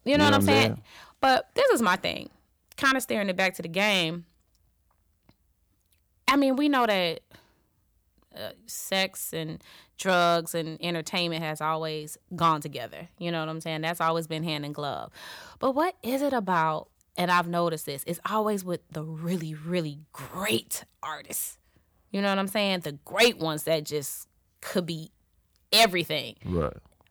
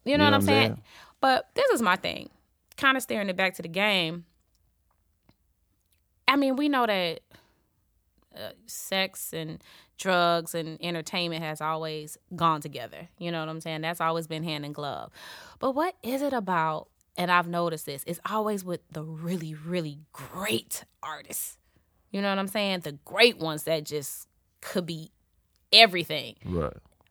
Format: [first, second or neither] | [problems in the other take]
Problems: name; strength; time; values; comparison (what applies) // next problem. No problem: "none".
second | distortion; slight; 0.8% of the sound clipped